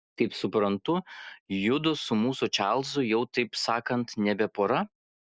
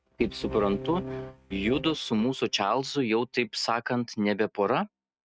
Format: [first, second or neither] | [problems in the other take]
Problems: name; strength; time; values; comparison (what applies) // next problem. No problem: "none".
first | noise reduction (neural mask model RNNoise)